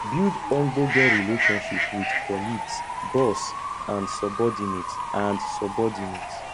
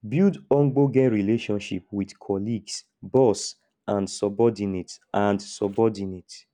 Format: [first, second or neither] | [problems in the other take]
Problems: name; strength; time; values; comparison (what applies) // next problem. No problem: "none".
second | background sound (Bird / Fowl); 1 dB below the speech